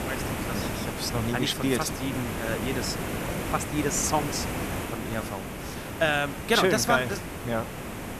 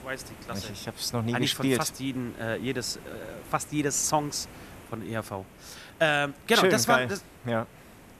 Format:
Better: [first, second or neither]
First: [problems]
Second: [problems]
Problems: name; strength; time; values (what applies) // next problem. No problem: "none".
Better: second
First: hiss; loud; throughout; 5 dB below the speech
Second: hiss; faint; throughout; 20 dB below the speech